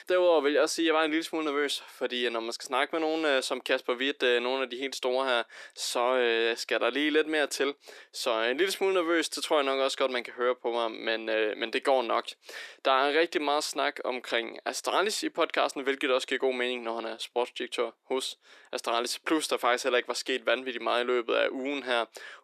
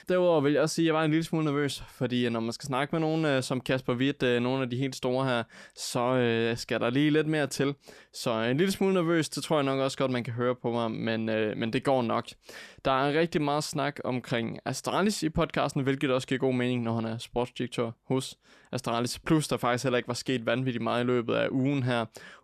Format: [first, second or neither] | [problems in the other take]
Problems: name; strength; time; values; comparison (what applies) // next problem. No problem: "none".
second | thin; somewhat; fading below 350 Hz